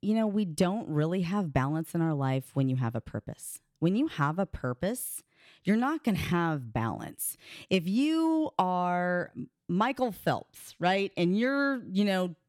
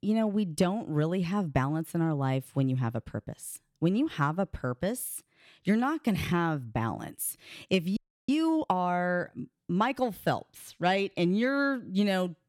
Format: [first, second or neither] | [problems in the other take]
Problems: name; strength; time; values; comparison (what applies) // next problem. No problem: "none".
first | audio freezing; at 8 s